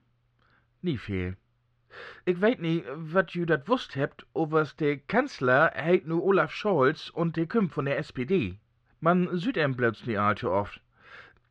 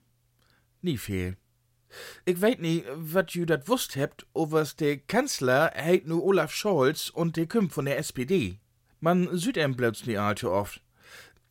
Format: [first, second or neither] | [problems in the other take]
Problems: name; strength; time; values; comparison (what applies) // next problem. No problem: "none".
second | muffled; slightly; fading above 3.5 kHz